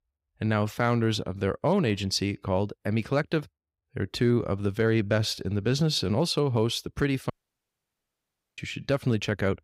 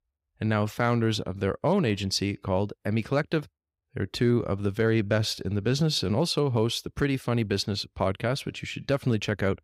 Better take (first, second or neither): second